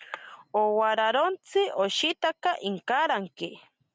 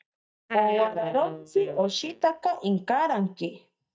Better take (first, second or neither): first